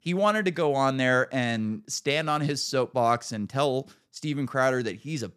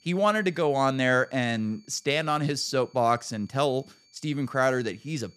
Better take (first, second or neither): first